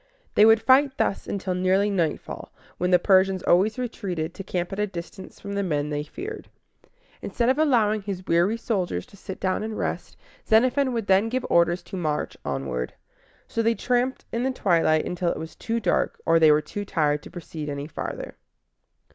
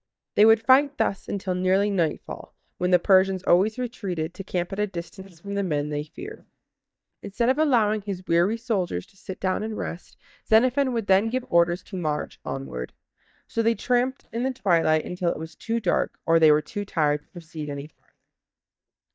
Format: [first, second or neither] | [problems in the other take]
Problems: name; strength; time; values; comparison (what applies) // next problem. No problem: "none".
first | noise reduction (neural mask model DeepFilterNet 3)